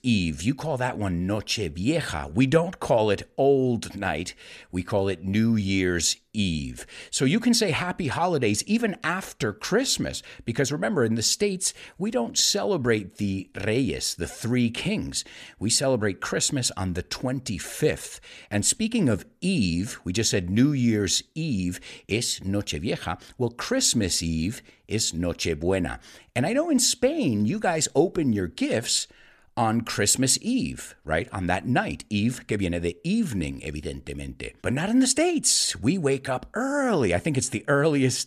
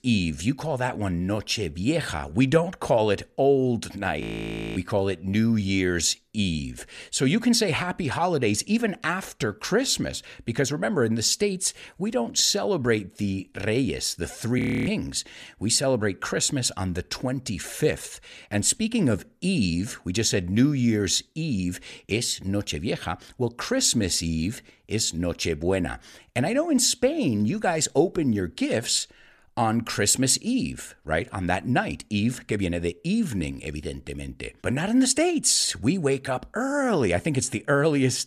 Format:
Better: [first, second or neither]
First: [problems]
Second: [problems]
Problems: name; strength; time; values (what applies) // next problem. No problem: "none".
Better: first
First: none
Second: audio freezing; at 4 s for 0.5 s and at 15 s